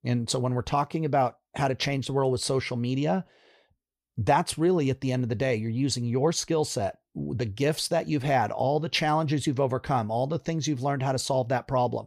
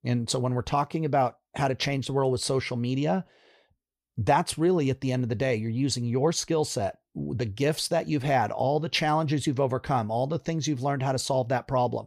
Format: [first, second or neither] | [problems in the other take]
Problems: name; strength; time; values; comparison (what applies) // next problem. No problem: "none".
neither | none